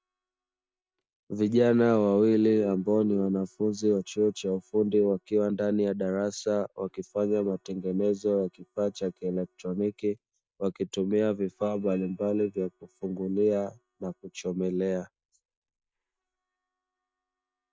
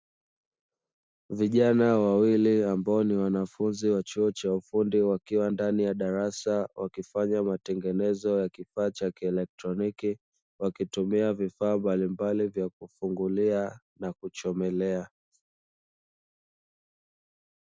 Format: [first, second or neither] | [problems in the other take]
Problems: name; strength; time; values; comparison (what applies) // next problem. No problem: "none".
second | noise reduction (neural mask model DeepFilterNet 3)